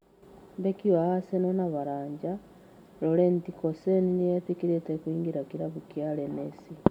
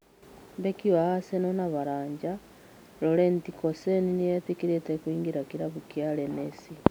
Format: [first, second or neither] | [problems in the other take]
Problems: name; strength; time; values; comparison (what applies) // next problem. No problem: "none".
second | room echo; dies away in 1.3 s